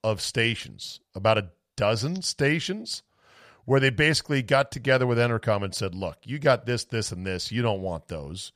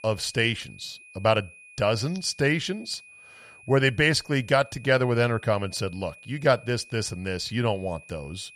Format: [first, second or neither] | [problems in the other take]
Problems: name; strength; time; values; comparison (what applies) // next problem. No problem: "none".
first | high-pitched whine; faint; throughout; 2.5 kHz, 20 dB below the speech